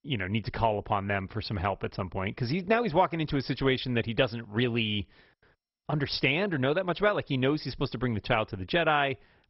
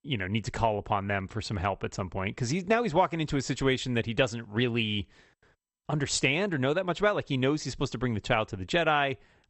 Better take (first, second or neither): second